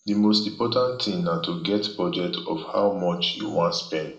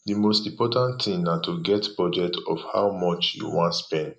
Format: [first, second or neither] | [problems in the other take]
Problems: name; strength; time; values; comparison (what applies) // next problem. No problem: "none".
second | room echo; dies away in 0.7 s